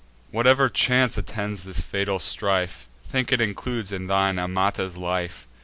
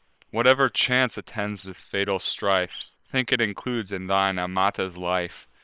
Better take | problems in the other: first | noise reduction (neural separator model SepFormer WHAM!)

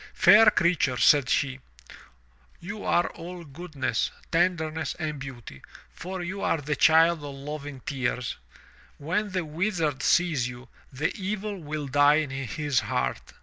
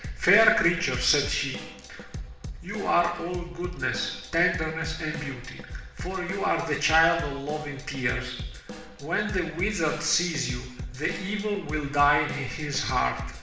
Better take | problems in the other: first | background sound (Drum / Drum kit); 11 dB below the speech // room echo; dies away in 0.9 s

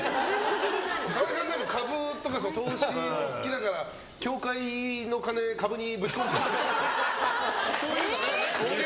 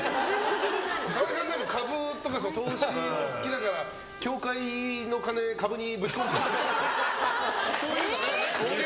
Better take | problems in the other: first | background sound (Trumpet); 16 dB below the speech

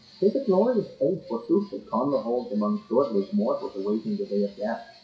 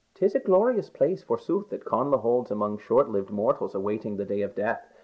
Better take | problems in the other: second | noise reduction (classical method WPE with log-MMSE)

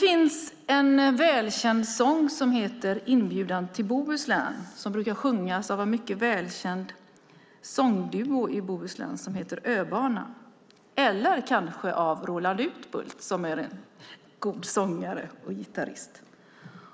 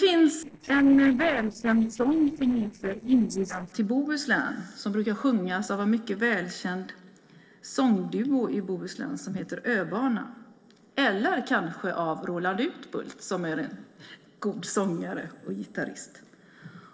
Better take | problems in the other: first | noise reduction (neural separator model SepFormer DNS4)

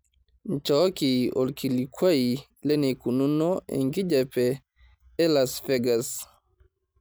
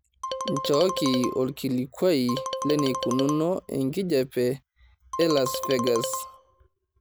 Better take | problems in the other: first | background sound (Marimba, xylophone); 6 dB below the speech

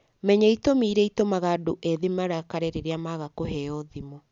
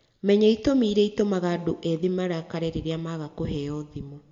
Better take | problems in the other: first | room echo; dies away in 1.5 s

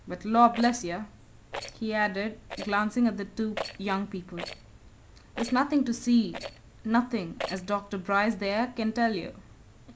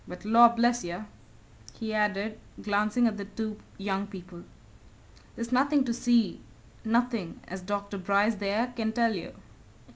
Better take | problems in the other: second | background sound (Rattle); 14 dB below the speech

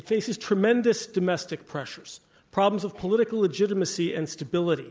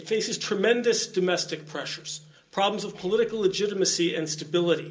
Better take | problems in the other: first | room echo; dies away in 0.2 s

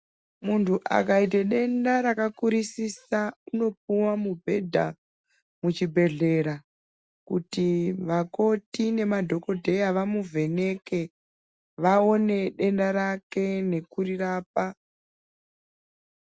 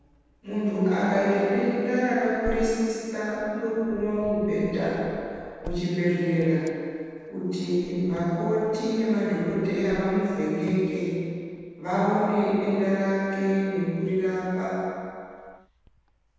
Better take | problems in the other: first | background sound (Wind); 19 dB below the speech // room echo; dies away in 2.1 s

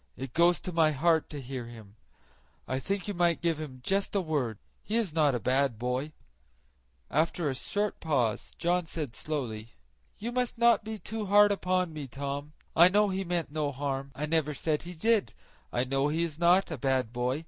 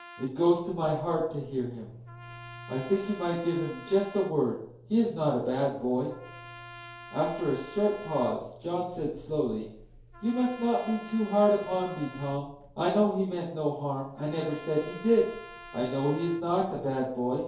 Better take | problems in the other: first | background sound (Trumpet); 20 dB below the speech // room echo; dies away in 2.4 s

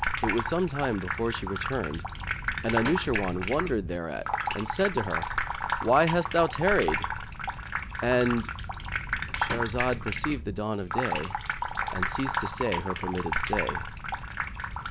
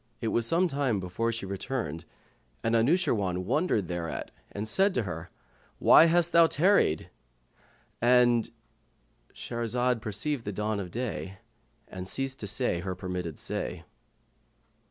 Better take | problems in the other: second | background sound (Sink (filling or washing) / Water tap, faucet); 2 dB below the speech

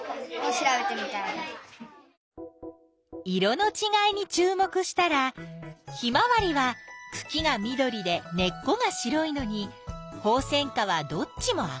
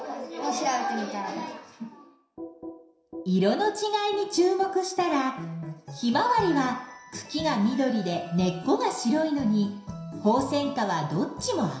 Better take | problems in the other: first | room echo; dies away in 0.7 s

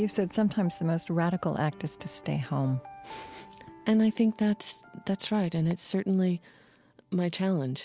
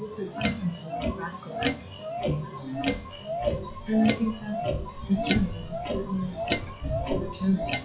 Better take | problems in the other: first | noise reduction (classical method WPE with log-MMSE)

